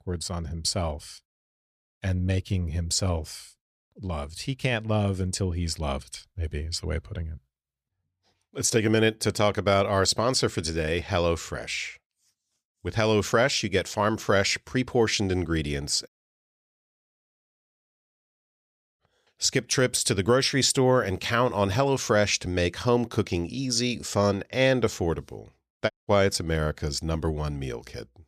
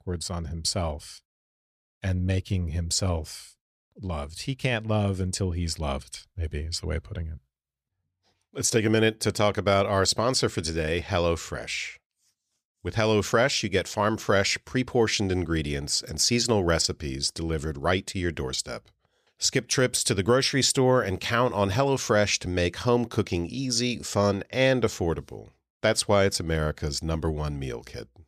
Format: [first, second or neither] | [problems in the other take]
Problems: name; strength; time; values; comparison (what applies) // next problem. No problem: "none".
second | audio cutting out; at 16 s for 3 s and at 26 s